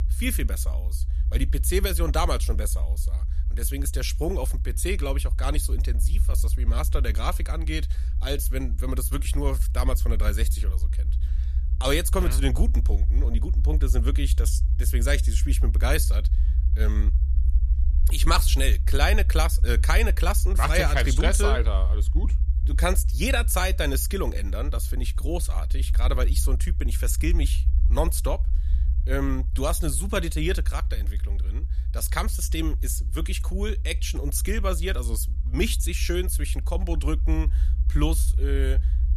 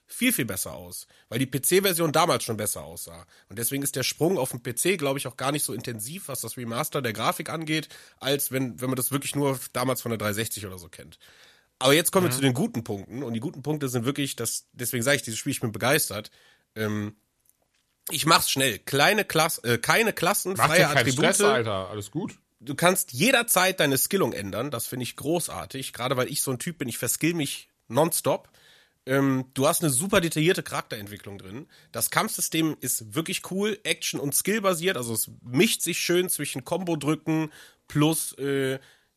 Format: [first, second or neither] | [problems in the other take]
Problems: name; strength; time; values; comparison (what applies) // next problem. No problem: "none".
second | low rumble; noticeable; throughout; 15 dB below the speech